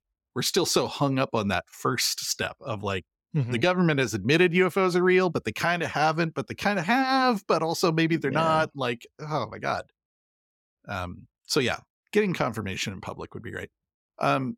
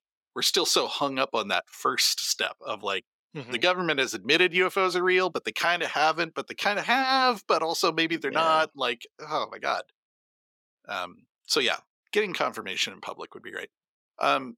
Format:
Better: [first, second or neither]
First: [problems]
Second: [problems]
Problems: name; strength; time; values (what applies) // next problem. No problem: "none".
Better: first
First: none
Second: thin; somewhat; fading below 350 Hz